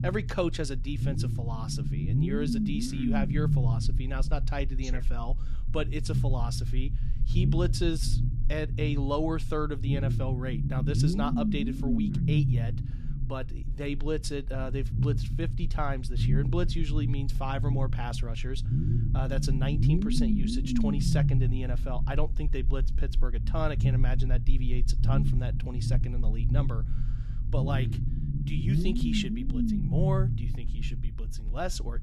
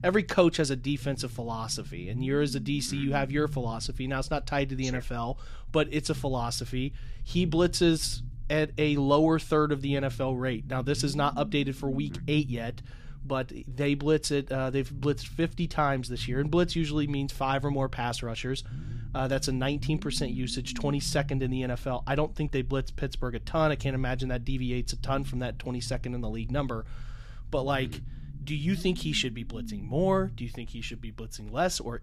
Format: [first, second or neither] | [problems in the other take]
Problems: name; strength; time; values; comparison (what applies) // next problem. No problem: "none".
second | low rumble; loud; throughout; 3 dB below the speech; faint in the second